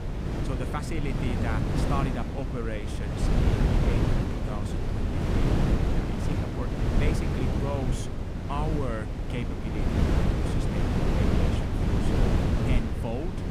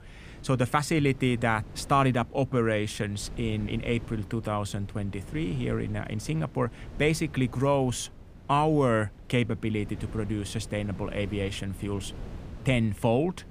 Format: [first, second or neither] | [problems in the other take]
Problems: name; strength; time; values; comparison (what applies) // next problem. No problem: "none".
second | wind noise on the microphone; heavy; 4 dB above the speech; occasional gusts in the second